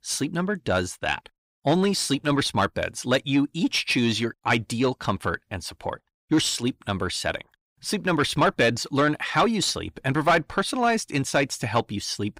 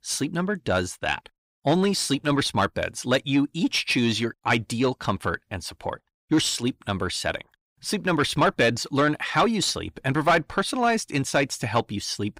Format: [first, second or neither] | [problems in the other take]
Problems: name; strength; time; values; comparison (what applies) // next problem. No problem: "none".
neither | distortion; slight; 10 dB below the speech; the same in both